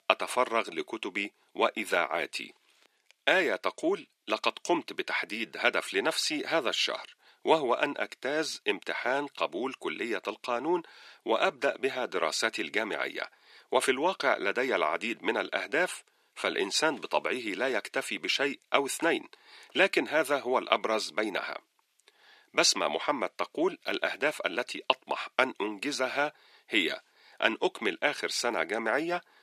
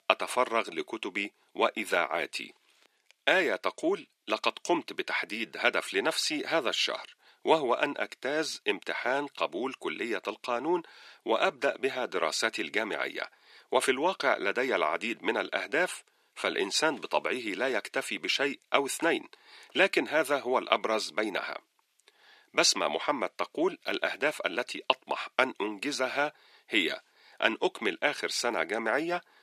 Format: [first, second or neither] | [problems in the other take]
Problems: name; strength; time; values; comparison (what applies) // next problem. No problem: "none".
neither | thin; very; fading below 300 Hz; the same in both